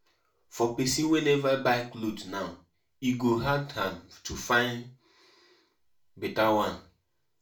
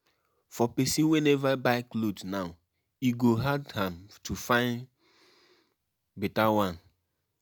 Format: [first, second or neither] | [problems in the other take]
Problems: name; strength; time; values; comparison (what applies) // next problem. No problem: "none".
second | room echo; dies away in 0.3 s